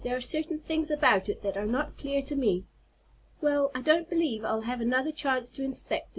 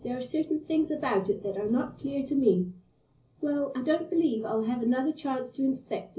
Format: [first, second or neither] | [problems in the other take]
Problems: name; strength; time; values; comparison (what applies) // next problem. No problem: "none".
first | room echo; dies away in 0.5 s